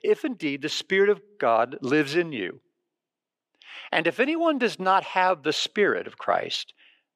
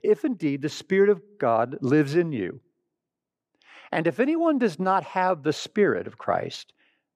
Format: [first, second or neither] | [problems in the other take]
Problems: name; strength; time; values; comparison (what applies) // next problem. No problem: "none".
second | thin; very slightly; fading below 1 kHz